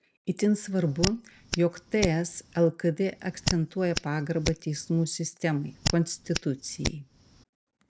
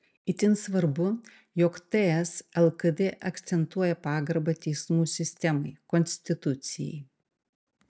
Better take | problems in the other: second | background sound (Hands); 7 dB below the speech

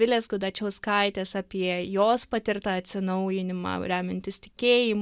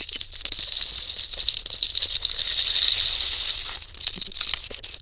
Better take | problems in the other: first | noise reduction (neural diffusion model UNIVERSE++)

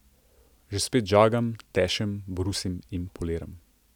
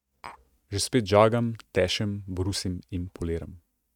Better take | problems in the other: first | noise reduction (neural mask model RNNoise)

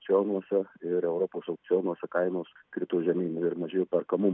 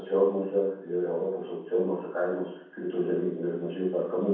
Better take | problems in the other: first | room echo; dies away in 0.7 s

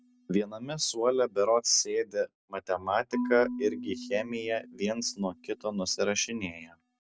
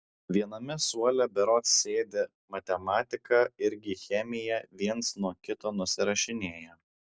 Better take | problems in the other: second | background sound (Marimba, xylophone / Wood); 12 dB below the speech

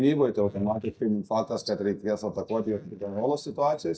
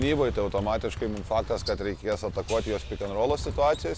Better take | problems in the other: second | noise reduction (neural mask model DeepFilterNet 3)

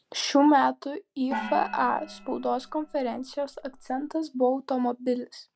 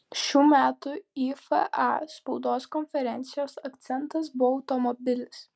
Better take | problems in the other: second | background sound (Gong); 13 dB below the speech

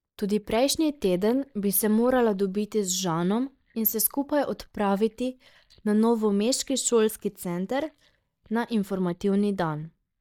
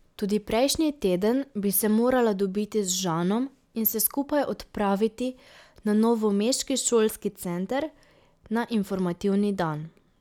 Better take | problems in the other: second | noise reduction (neural mask model DeepFilterNet 3)

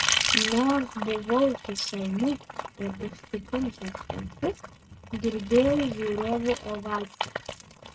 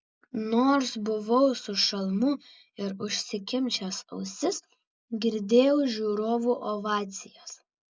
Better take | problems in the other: second | noise reduction (neural mask model RNNoise)

